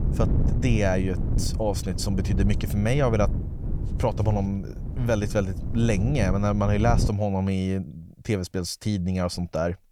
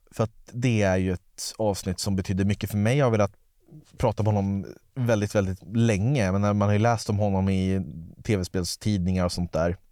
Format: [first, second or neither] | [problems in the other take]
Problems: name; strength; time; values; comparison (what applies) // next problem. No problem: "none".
second | wind noise on the microphone; occasional gusts; until 7 s; 10 dB below the speech